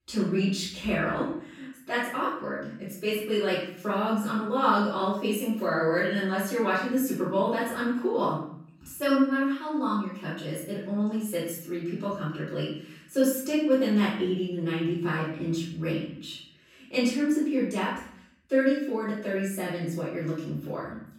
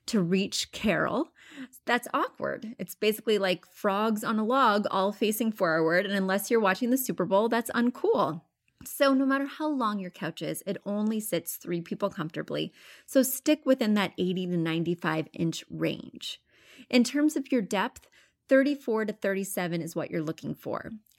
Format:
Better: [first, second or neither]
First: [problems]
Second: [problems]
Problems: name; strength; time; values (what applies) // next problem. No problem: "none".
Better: second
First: off-mic speech; far // room echo; noticeable; dies away in 0.6 s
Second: none